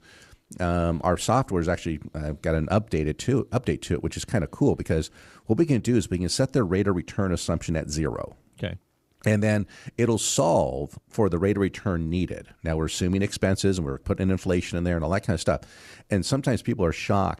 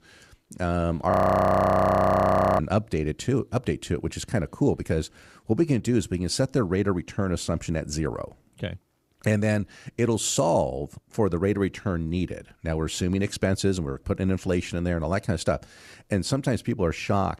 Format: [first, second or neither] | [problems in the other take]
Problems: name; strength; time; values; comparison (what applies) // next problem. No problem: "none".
first | audio freezing; at 1 s for 1.5 s